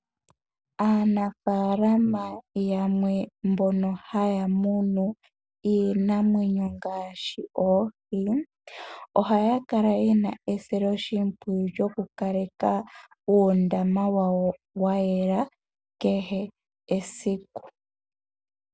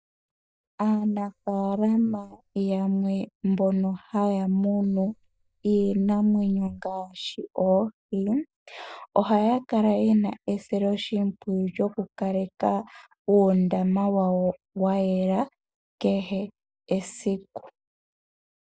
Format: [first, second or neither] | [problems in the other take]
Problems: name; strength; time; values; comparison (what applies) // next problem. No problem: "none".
first | noise reduction (neural mask model DeepFilterNet 3)